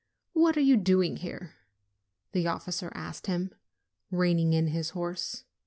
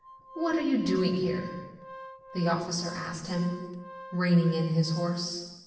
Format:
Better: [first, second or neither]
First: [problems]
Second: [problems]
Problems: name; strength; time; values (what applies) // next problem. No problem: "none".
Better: first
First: none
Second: background sound (Organ); 16 dB below the speech // room echo; dies away in 1.1 s